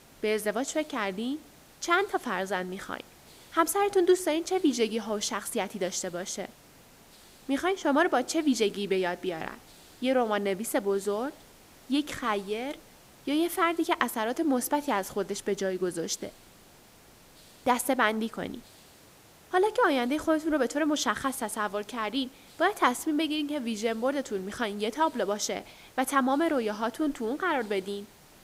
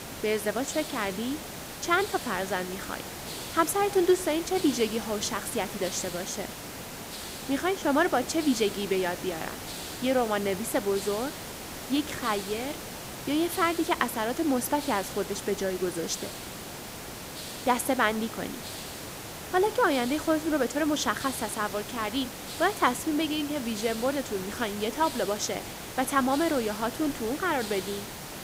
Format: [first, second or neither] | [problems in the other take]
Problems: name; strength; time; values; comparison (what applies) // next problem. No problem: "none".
first | hiss; loud; throughout; 9 dB below the speech; faint in the first